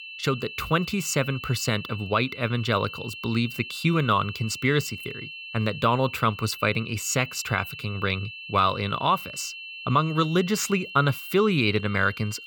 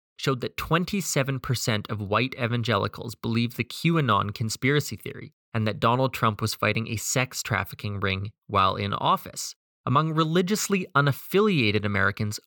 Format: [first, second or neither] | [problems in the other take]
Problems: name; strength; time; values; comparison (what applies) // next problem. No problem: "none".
second | high-pitched whine; noticeable; throughout; 2.5 kHz, 10 dB below the speech